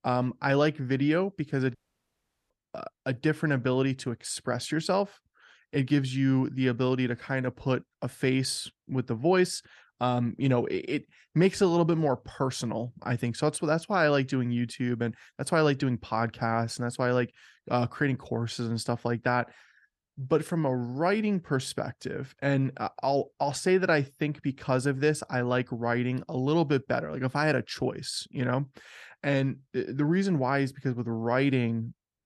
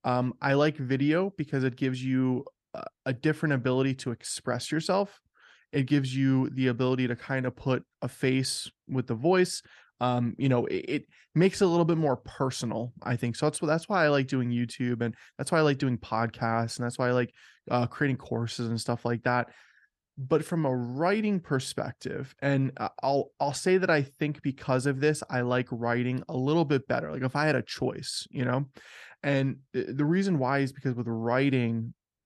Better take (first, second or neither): second